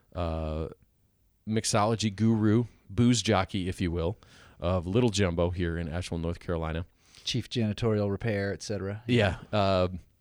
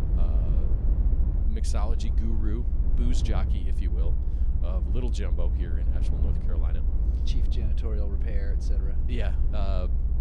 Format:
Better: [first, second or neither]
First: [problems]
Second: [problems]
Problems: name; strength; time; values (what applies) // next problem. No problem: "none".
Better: first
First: none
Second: low rumble; loud; throughout; 4 dB below the speech